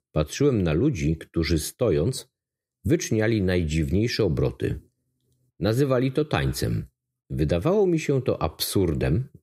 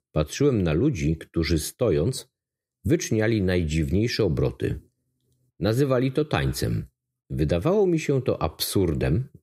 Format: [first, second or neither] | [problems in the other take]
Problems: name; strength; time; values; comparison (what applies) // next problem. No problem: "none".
neither | none